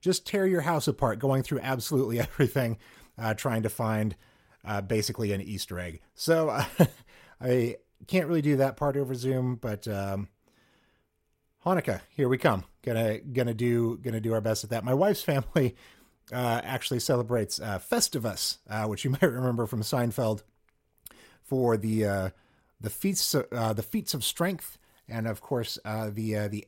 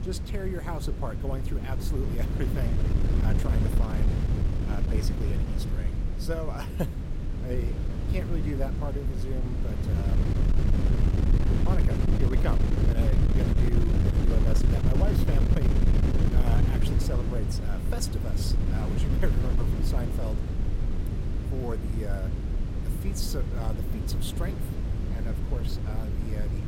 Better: first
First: none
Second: wind noise on the microphone; heavy; as loud as the speech

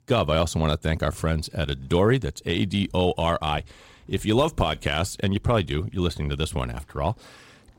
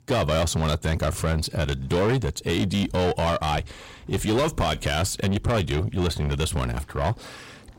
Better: first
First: none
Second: distortion; heavy; 8 dB below the speech

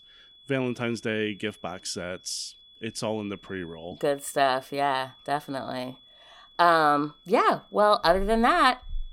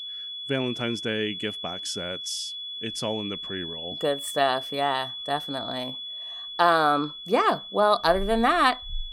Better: first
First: high-pitched whine; faint; throughout; 3.5 kHz, 25 dB below the speech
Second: high-pitched whine; loud; throughout; 3.5 kHz, 8 dB below the speech

